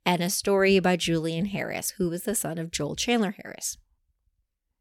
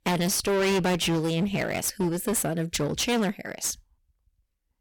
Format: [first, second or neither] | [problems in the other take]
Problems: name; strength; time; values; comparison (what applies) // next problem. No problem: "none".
first | distortion; heavy; 20% of the sound clipped